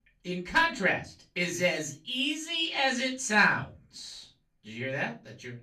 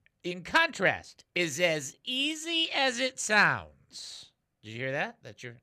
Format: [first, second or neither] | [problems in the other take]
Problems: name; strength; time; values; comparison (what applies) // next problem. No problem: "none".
second | off-mic speech; far // room echo; very slight; dies away in 0.3 s